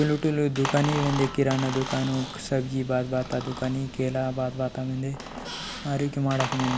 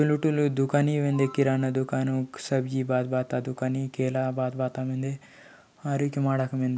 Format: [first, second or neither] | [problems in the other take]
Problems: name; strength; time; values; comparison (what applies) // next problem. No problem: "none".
second | background sound (Squeak); 9 dB below the speech